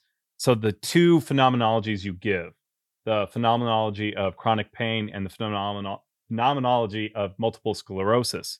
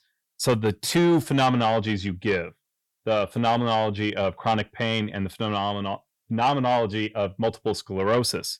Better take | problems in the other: first | distortion; slight; 10 dB below the speech

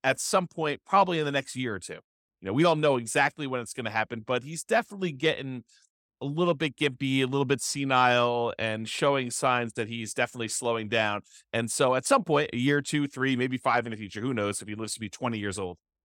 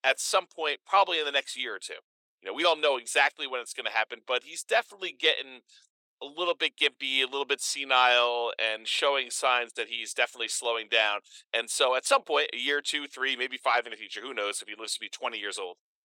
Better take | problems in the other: first | thin; very; fading below 450 Hz

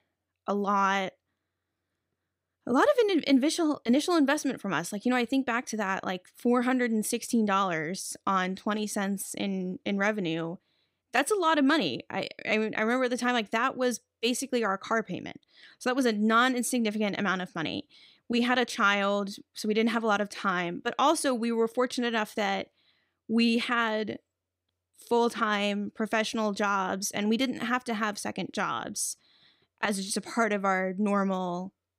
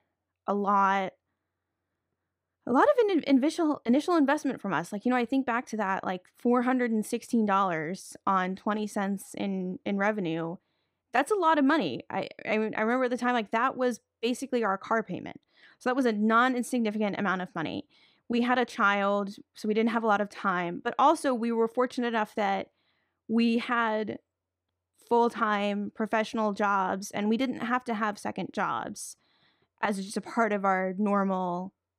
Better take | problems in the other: first | muffled; slightly; fading above 2.5 kHz

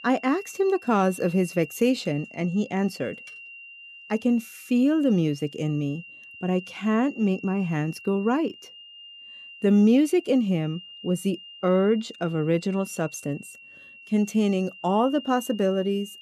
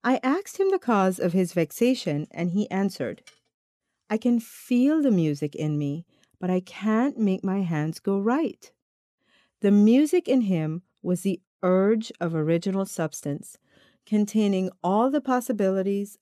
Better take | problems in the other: second | high-pitched whine; noticeable; throughout; 2.5 kHz, 20 dB below the speech

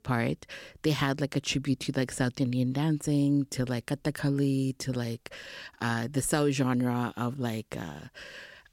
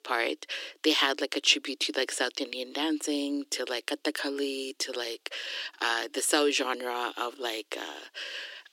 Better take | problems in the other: first | thin; somewhat; fading below 300 Hz

